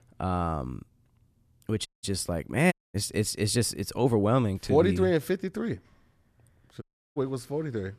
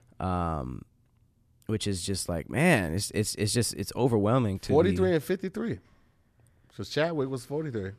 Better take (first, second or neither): second